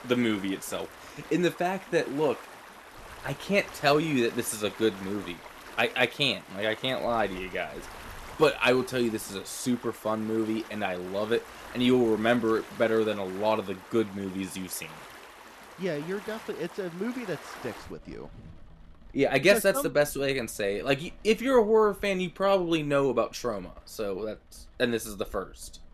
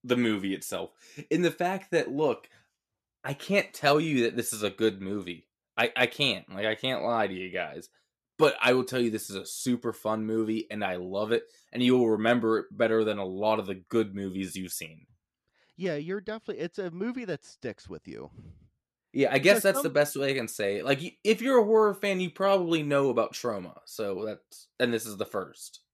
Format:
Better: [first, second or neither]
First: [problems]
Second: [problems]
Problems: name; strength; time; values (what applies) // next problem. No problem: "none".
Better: second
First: rain or running water; noticeable; throughout; 20 dB below the speech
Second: none